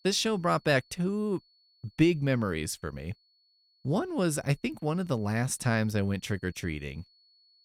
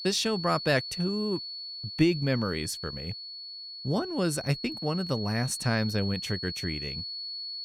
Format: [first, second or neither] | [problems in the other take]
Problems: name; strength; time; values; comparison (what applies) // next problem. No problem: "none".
first | high-pitched whine; loud; throughout; 4.5 kHz, 7 dB below the speech; faint in the first